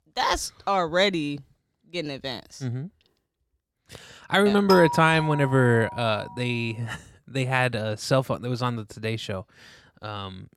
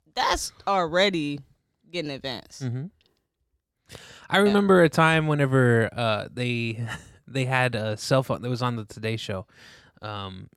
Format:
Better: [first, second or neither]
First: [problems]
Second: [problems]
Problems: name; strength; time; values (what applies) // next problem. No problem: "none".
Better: second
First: doorbell; noticeable; from 4.5 to 6 s; peak 3 dB below the speech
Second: none